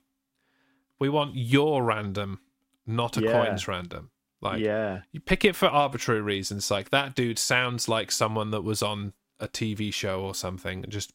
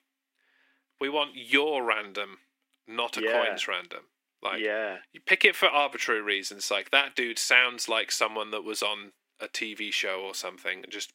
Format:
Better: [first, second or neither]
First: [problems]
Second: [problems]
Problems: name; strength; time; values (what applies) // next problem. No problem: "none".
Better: first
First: none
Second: thin; somewhat; fading below 300 Hz